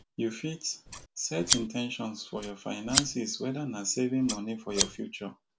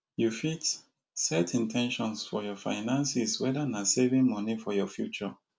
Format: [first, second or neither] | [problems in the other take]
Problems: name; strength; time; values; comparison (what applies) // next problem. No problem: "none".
second | background sound (Scissors); 2 dB below the speech